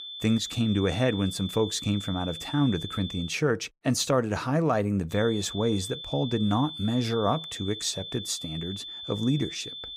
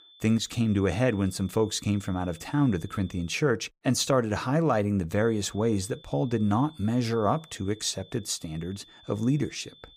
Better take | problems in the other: second | high-pitched whine; loud; until 3.5 s and from 5 s on; 3.5 kHz, 9 dB below the speech; faint in the second

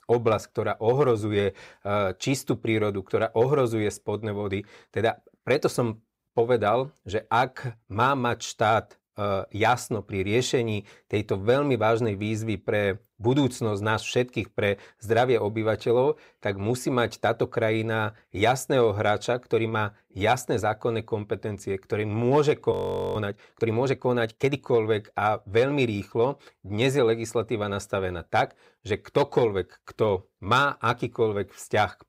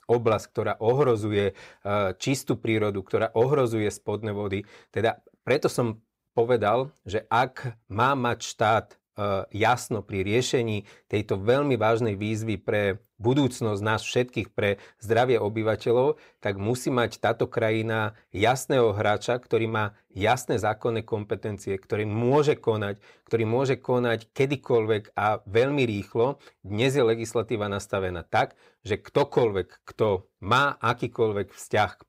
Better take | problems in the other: second | audio freezing; at 23 s

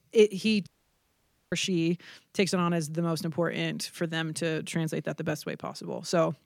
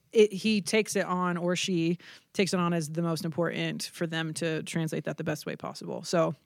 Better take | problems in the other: second | audio cutting out; at 0.5 s for 1 s

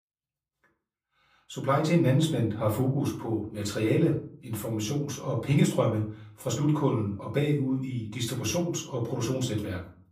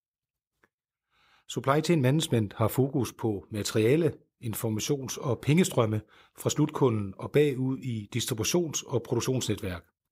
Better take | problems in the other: second | off-mic speech; far // room echo; slight; dies away in 0.4 s

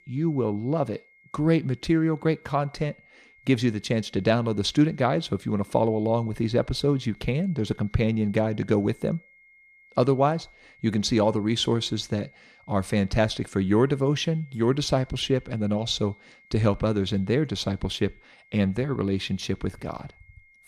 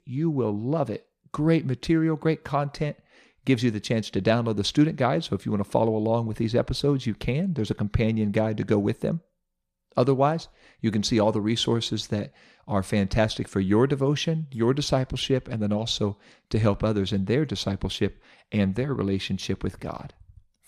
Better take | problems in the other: second | high-pitched whine; faint; throughout; 2 kHz, 30 dB below the speech

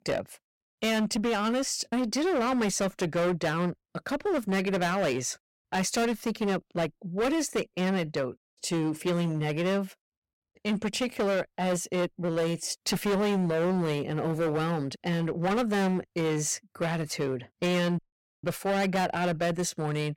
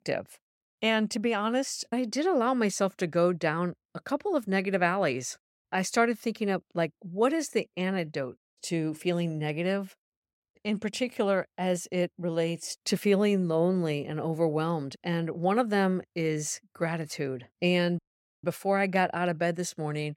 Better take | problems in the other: second | distortion; heavy; 18% of the sound clipped

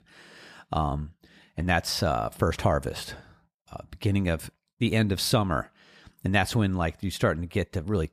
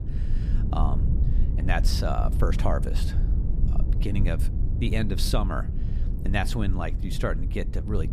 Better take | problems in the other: first | low rumble; noticeable; throughout; 10 dB below the speech

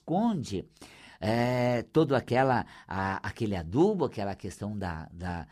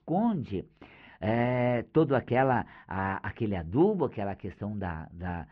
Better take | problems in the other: first | muffled; very; fading above 2.5 kHz

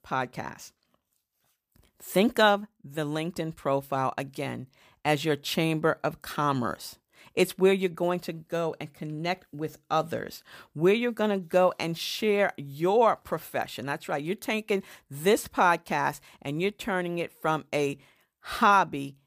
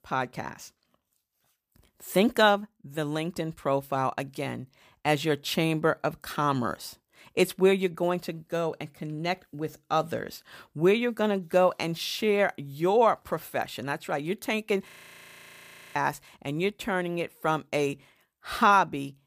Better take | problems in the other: first | audio freezing; at 15 s for 1 s

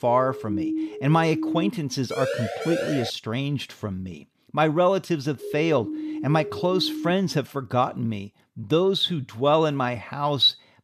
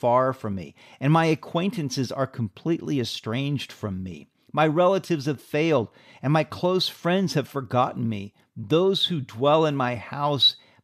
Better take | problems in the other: second | siren; noticeable; until 1.5 s, from 2 to 3 s and from 5.5 to 7 s; peak 3 dB below the speech

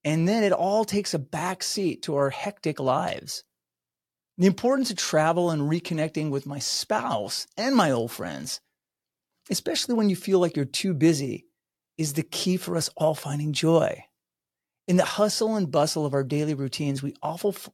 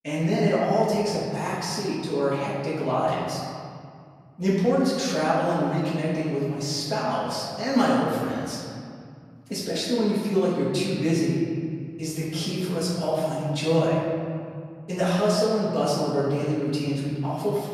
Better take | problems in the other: first | room echo; strong; dies away in 2.2 s // off-mic speech; far

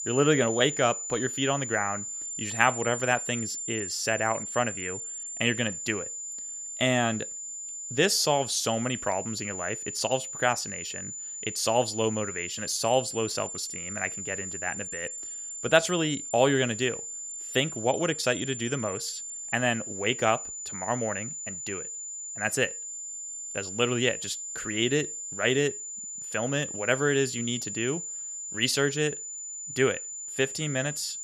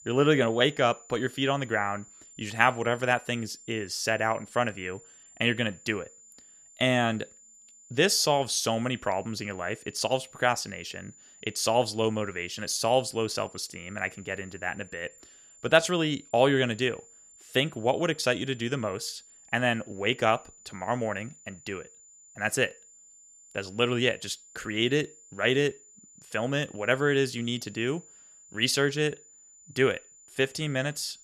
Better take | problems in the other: second | high-pitched whine; loud; throughout; 7 kHz, 6 dB below the speech; faint in the second

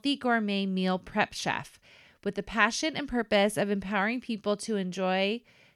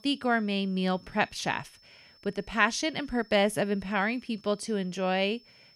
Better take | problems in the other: first | high-pitched whine; faint; throughout; 5.5 kHz, 30 dB below the speech

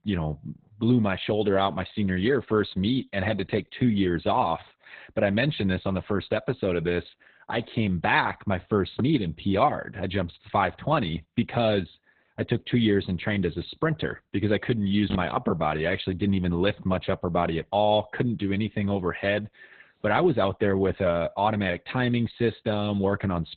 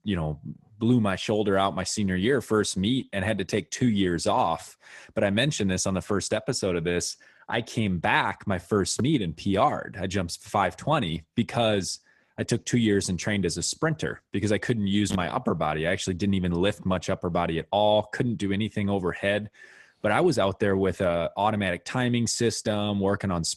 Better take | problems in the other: second | garbled, watery; badly; nothing above 4 kHz; slightly in the second

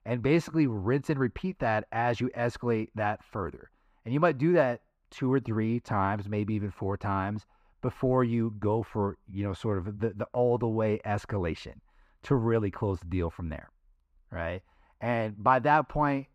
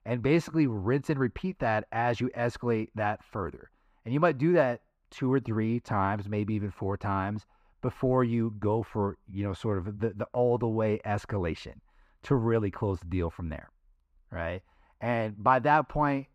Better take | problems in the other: neither | muffled; slightly; fading above 4 kHz; the same in both

